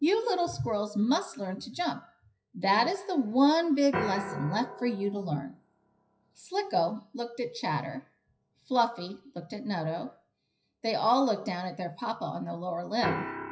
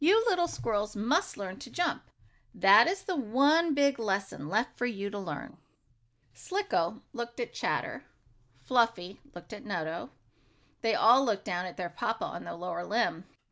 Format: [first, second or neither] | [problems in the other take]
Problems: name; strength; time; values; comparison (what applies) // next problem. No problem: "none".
second | noise reduction (classical method WPE with log-MMSE)